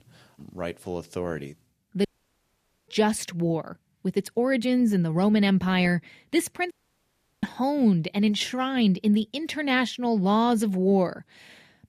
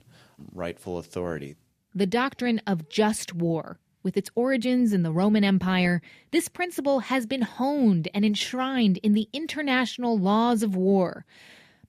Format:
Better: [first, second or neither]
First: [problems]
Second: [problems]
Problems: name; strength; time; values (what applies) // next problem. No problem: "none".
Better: second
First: audio cutting out; at 2 s for 1 s and at 6.5 s for 0.5 s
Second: none